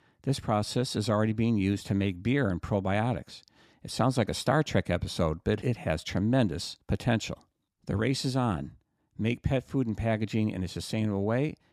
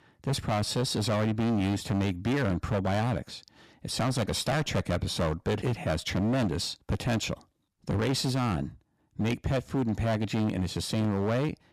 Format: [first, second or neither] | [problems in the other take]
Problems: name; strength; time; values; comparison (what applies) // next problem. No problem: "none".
first | distortion; heavy; 21% of the sound clipped